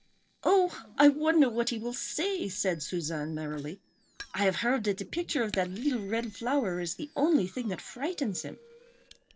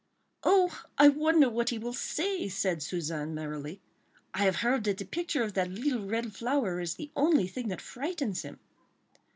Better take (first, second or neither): second